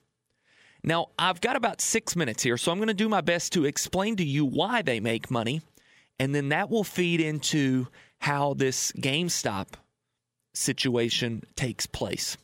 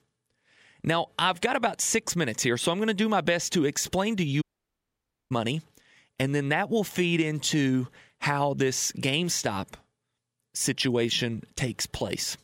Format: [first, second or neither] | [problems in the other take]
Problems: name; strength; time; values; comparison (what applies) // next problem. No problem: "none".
first | audio cutting out; at 4.5 s for 1 s